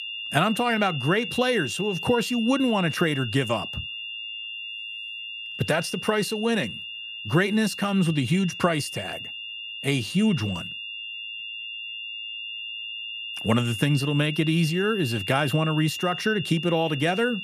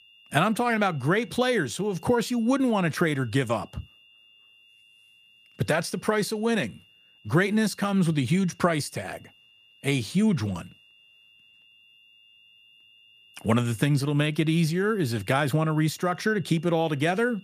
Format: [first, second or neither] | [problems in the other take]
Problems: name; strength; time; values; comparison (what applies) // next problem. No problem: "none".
second | high-pitched whine; loud; throughout; 3 kHz, 7 dB below the speech; faint in the second